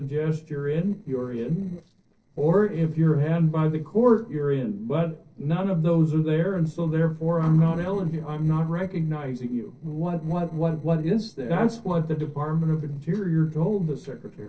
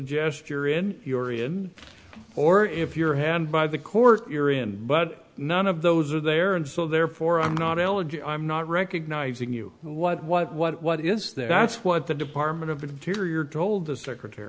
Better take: second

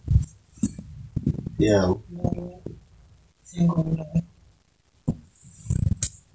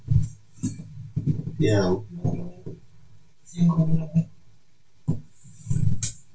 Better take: first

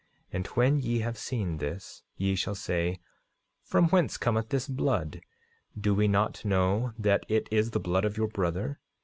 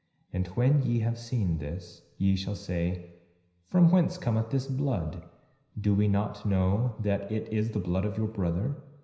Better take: first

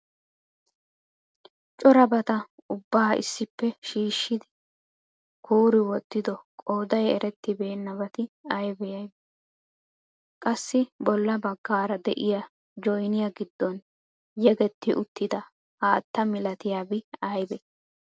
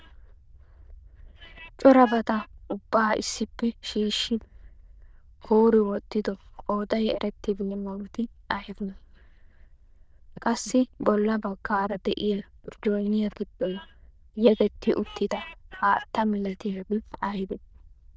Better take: first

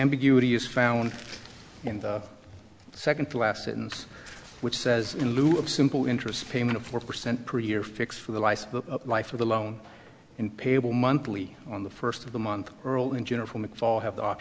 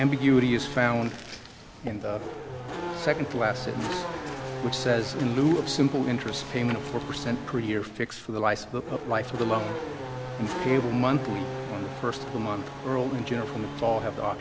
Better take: first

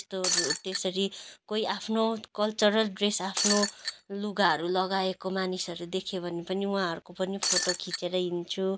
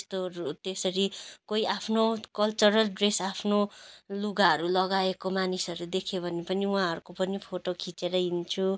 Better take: second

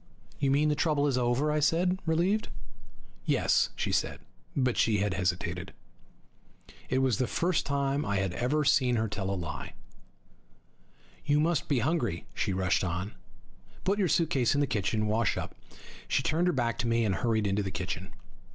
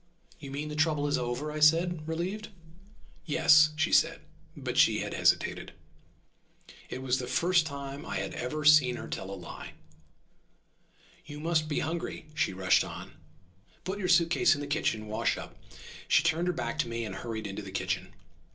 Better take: first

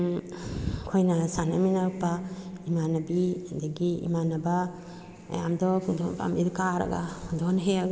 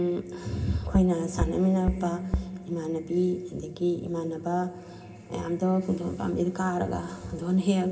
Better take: first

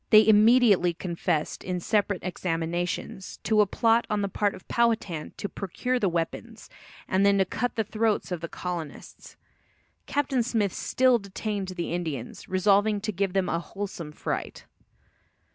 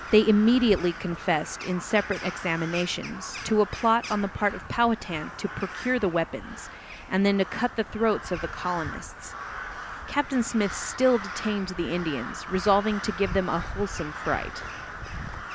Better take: first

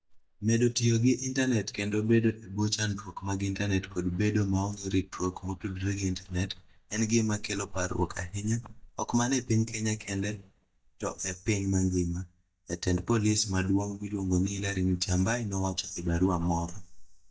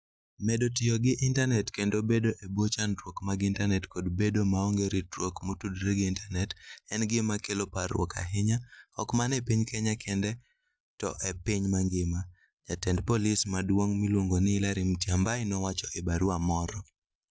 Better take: second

